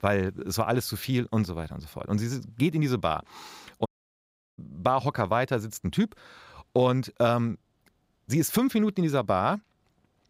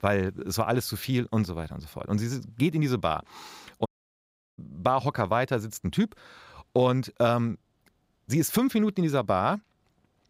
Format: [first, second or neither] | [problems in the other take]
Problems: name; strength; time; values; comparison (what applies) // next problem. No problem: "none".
neither | audio cutting out; at 4 s for 0.5 s; the same in both